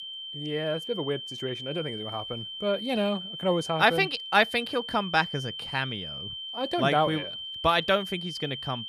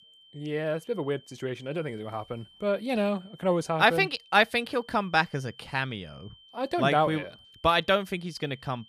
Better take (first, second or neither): second